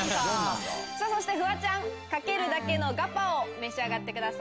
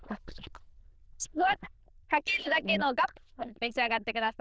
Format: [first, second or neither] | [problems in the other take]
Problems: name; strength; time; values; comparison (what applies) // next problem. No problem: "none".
first | noise reduction (neural diffusion model UNIVERSE++)